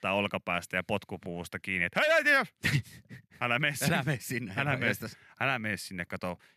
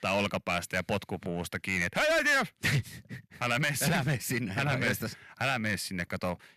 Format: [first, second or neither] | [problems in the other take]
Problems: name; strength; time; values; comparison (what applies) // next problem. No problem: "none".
first | distortion; heavy; 8 dB below the speech